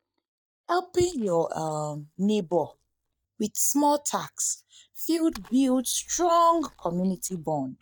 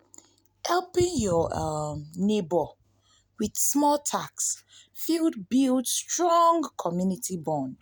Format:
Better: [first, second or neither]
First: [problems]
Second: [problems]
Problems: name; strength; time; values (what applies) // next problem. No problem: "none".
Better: second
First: noise reduction (neural mask model DeepFilterNet 3)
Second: none